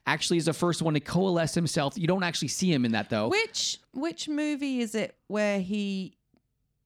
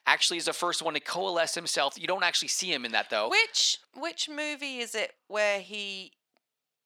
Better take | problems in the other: first | thin; very; fading below 700 Hz

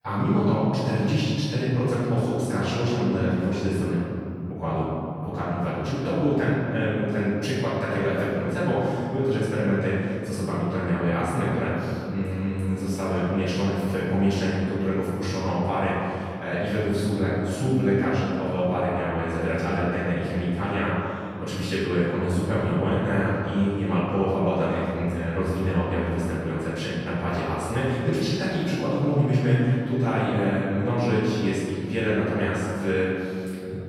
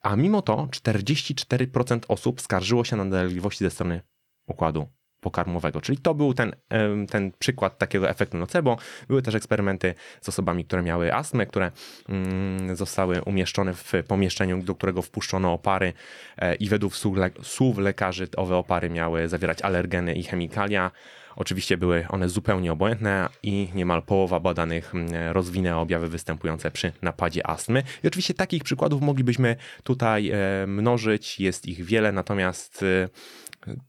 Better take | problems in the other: second | off-mic speech; far // room echo; strong; dies away in 2.9 s

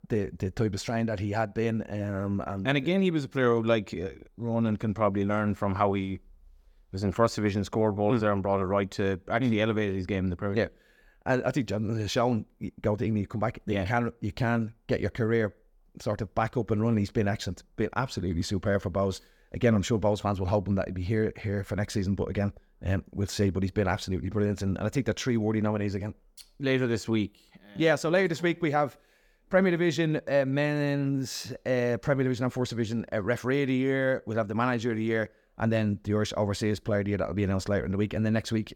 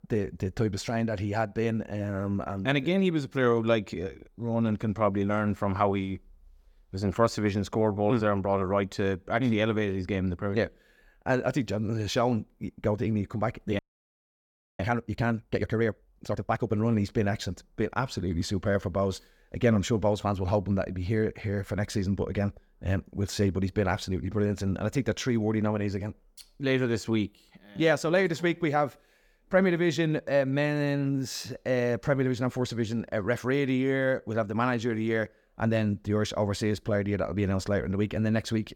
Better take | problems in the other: first | audio freezing; at 14 s for 1 s

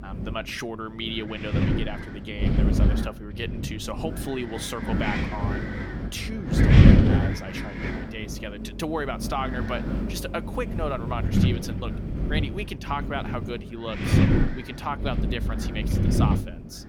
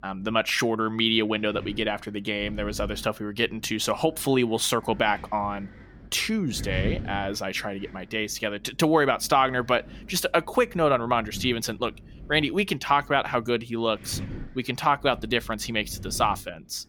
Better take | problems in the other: second | wind noise on the microphone; heavy; as loud as the speech; occasional gusts in the second

